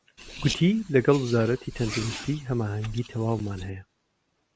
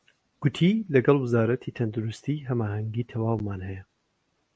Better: second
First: background sound (Car); 13 dB below the speech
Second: none

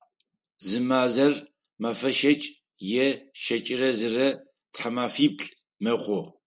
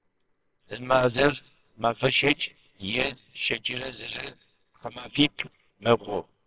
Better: first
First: none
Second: noise reduction (neural separator model SepFormer WHAMR!)

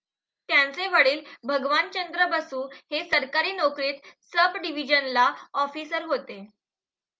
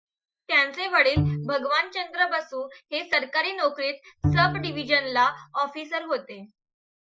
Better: first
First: none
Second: noise reduction (classical method Wiener filter)

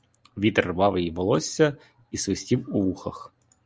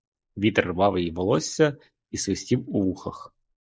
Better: first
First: none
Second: noise reduction (neural mask model Resemble Enhance denoiser)

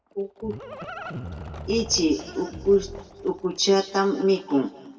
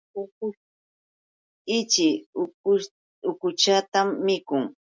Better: second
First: background sound (Livestock, farm animals, working animals); 14 dB below the speech // room echo; dies away in 1.6 s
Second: none

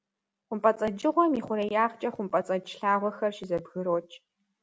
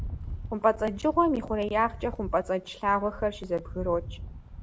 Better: first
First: none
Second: background sound (Rattle); 11 dB below the speech

